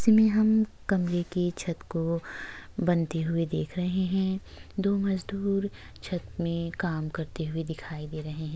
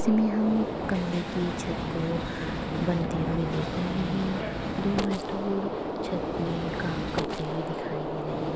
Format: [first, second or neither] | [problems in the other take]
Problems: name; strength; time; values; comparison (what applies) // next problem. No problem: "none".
first | background sound (Gunshot, gunfire); 1 dB below the speech